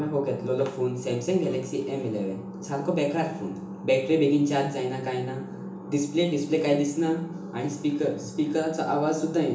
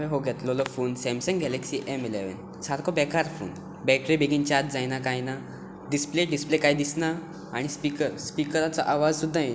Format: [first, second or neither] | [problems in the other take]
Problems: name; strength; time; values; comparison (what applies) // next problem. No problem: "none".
second | room echo; dies away in 0.8 s